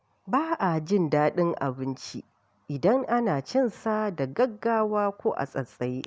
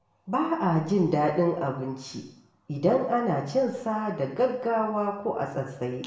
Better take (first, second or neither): first